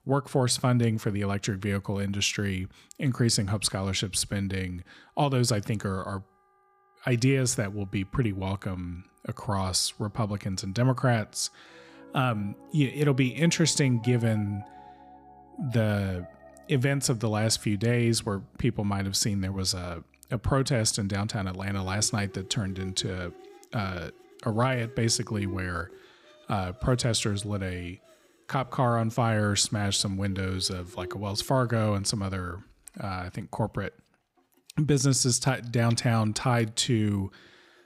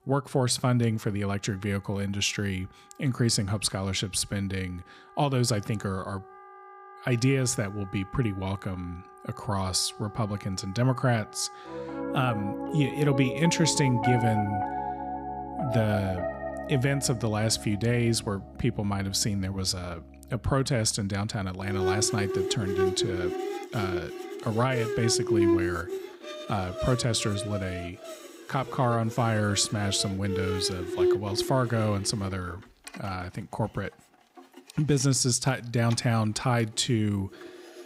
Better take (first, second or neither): first